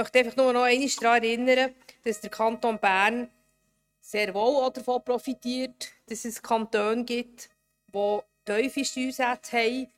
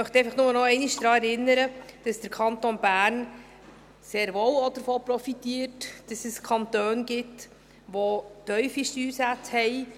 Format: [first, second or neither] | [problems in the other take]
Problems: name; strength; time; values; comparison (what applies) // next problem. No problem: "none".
second | noise reduction (neural mask model RNNoise)